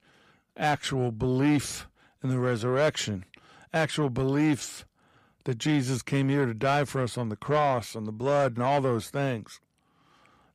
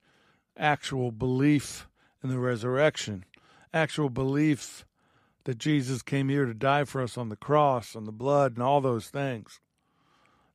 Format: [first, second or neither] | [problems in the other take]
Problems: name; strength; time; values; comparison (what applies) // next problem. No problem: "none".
second | distortion; slight; 10 dB below the speech